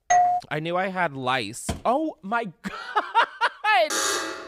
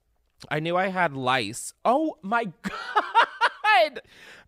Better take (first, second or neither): second